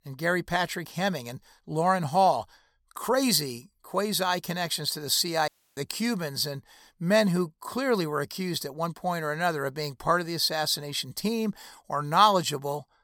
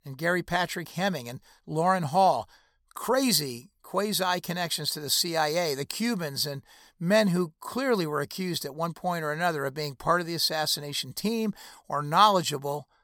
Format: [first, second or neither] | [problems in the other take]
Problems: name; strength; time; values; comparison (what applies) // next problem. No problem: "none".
second | audio cutting out; at 5.5 s